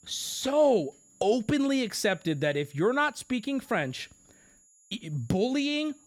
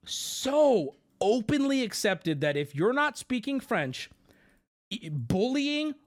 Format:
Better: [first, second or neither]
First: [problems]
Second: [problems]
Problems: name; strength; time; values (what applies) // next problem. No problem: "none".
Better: second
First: high-pitched whine; faint; throughout; 7 kHz, 30 dB below the speech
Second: none